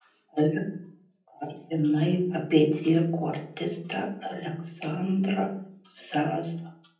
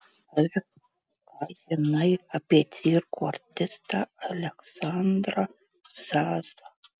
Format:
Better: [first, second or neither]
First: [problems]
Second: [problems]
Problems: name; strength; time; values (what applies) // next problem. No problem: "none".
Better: second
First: room echo; dies away in 0.6 s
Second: none